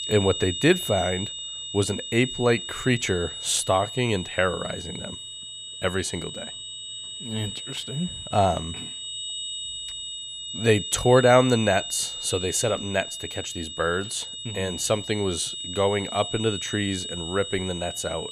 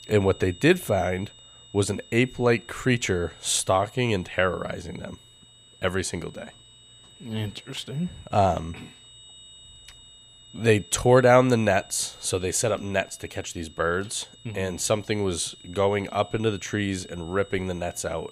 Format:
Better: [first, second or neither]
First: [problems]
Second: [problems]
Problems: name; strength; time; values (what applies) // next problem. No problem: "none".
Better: second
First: high-pitched whine; loud; throughout; 3.5 kHz, 7 dB below the speech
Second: high-pitched whine; faint; throughout; 3.5 kHz, 25 dB below the speech